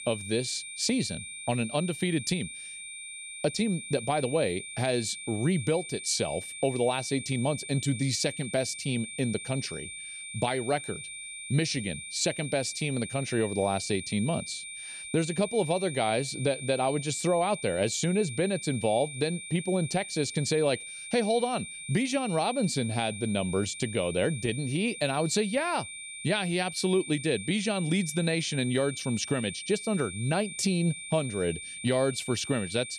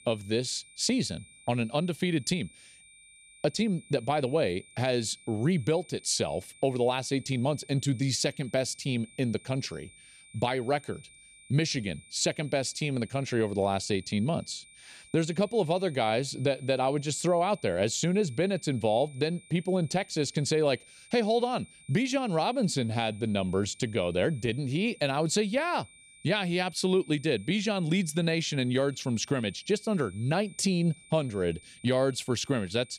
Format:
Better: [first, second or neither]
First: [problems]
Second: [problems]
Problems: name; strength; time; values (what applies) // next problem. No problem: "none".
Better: second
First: high-pitched whine; loud; throughout; 2.5 kHz, 9 dB below the speech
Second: high-pitched whine; faint; throughout; 2.5 kHz, 25 dB below the speech